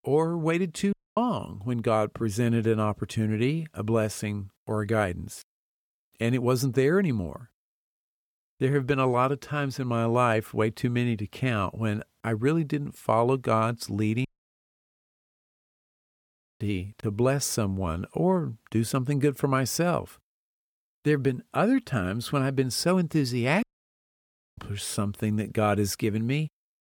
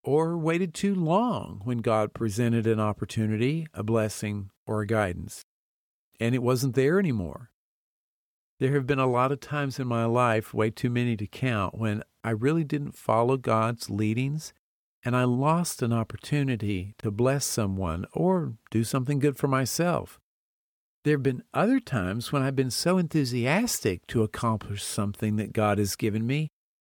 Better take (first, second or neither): second